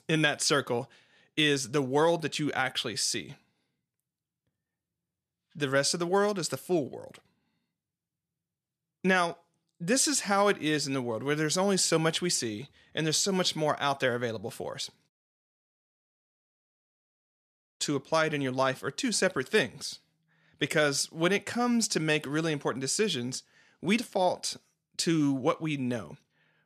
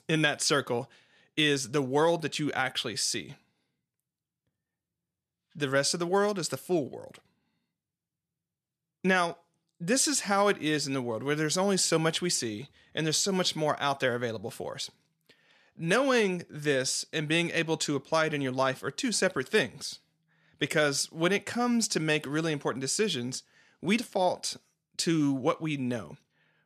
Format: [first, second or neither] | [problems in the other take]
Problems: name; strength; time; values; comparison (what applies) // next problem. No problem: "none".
second | audio cutting out; at 15 s for 2.5 s